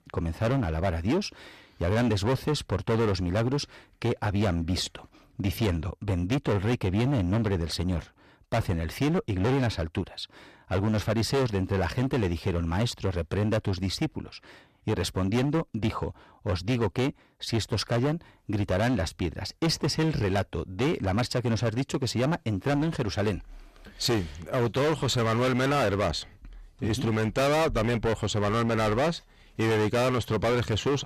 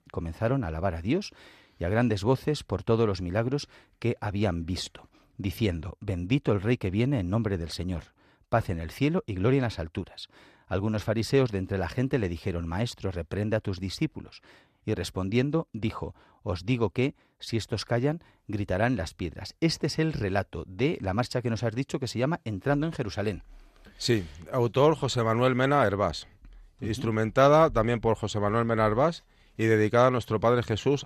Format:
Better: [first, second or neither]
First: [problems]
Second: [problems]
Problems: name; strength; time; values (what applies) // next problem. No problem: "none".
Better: second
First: distortion; heavy; 16% of the sound clipped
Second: none